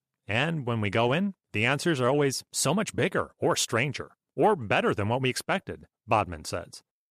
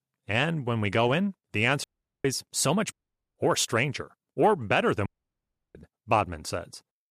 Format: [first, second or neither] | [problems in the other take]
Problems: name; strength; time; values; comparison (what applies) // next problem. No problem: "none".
first | audio cutting out; at 2 s, at 3 s and at 5 s for 0.5 s